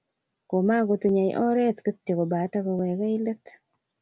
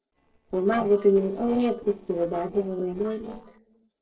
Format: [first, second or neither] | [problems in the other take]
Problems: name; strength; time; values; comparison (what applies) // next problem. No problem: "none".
first | noise reduction (neural separator model SepFormer DNS4)